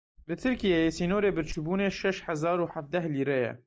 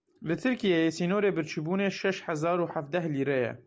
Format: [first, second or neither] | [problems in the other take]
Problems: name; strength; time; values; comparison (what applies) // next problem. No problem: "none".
second | noise reduction (neural mask model DeepFilterNet 3)